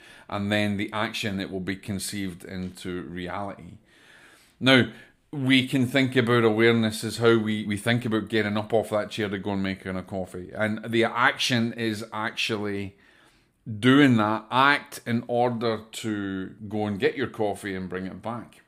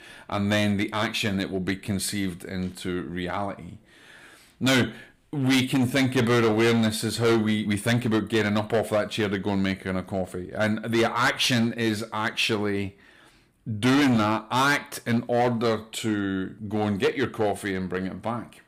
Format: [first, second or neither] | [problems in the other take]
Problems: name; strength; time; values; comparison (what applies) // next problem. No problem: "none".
first | distortion; heavy; 7% of the sound clipped